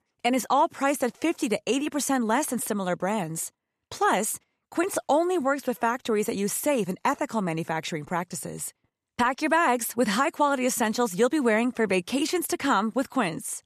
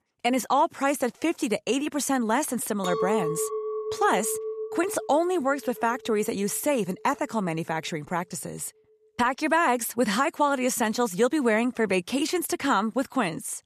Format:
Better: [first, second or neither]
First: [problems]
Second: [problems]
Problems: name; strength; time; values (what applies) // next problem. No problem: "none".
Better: first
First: none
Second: clattering dishes; noticeable; from 3 to 6 s; peak 2 dB below the speech